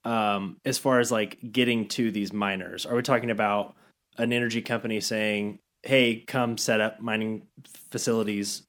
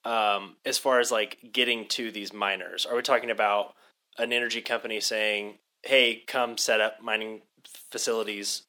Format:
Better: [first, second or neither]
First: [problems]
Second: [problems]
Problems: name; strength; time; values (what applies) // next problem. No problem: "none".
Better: first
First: none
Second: thin; somewhat; fading below 550 Hz